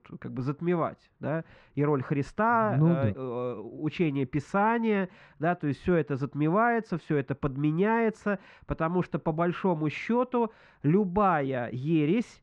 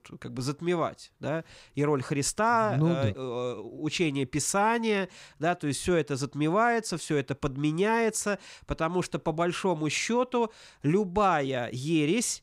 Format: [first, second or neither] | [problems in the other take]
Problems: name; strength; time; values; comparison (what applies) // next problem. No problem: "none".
second | muffled; very; fading above 1.5 kHz